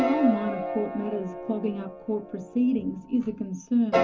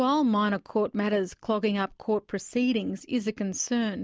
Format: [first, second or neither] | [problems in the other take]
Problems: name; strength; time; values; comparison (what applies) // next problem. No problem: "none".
second | background sound (Piano); 5 dB below the speech // room echo; dies away in 0.3 s